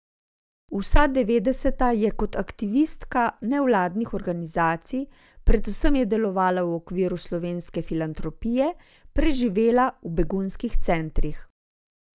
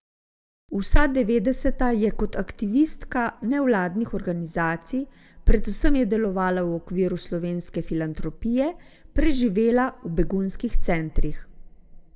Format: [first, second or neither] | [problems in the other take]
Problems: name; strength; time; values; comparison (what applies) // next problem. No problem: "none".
first | room echo; dies away in 0.6 s